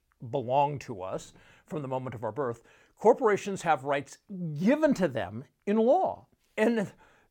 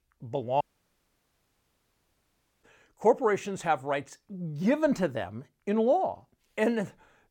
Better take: first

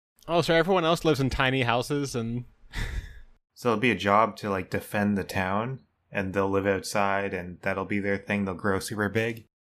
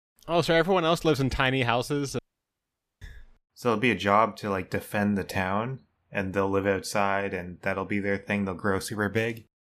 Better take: first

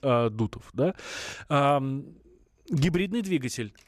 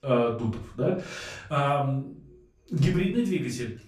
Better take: first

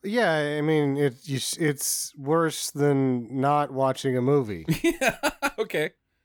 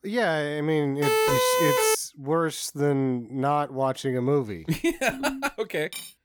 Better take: first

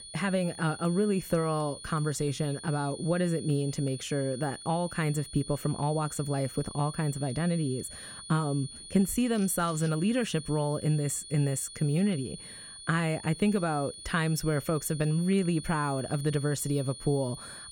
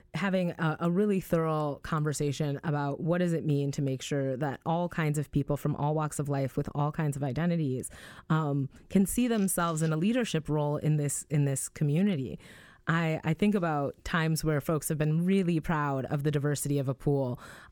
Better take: second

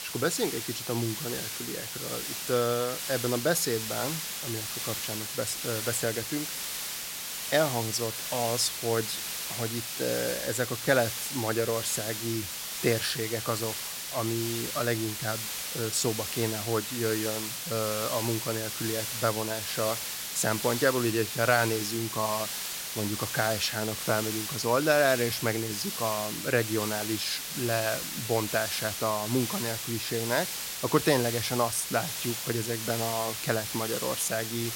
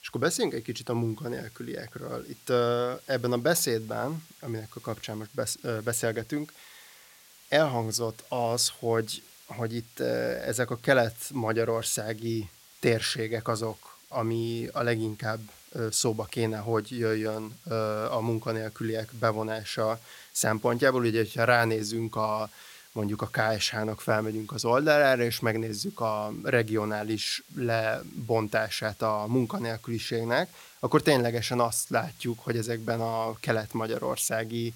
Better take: second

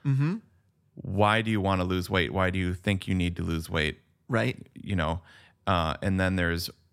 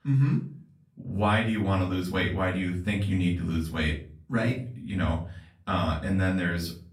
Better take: first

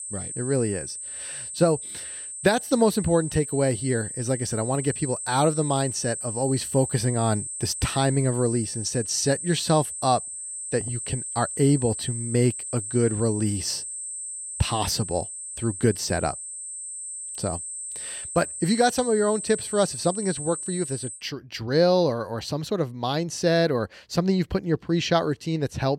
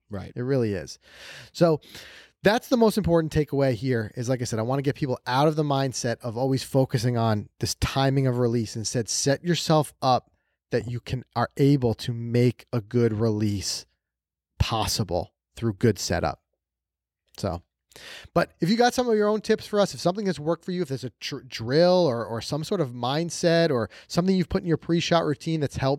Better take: second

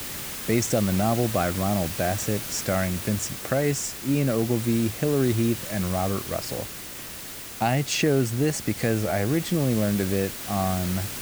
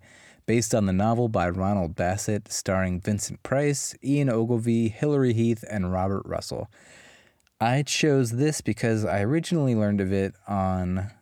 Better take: second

